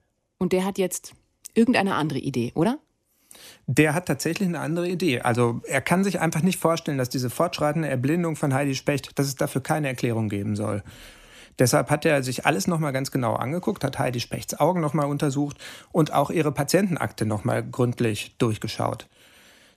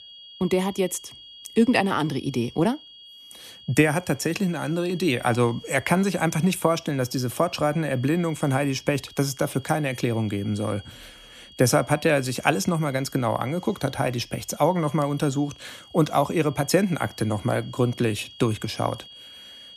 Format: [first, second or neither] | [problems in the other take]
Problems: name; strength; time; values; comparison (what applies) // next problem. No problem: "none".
first | high-pitched whine; faint; throughout; 3.5 kHz, 20 dB below the speech